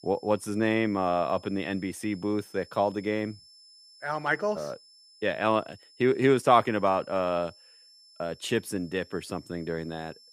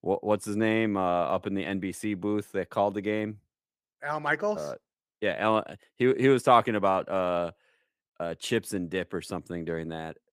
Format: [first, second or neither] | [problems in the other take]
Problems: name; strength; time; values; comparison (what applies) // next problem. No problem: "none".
second | high-pitched whine; faint; throughout; 5.5 kHz, 25 dB below the speech